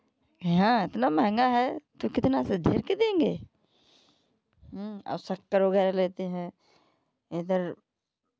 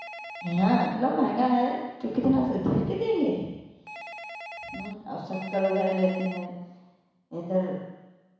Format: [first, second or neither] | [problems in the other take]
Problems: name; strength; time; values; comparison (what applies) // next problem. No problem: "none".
first | background sound (Telephone); 16 dB below the speech // room echo; dies away in 1.1 s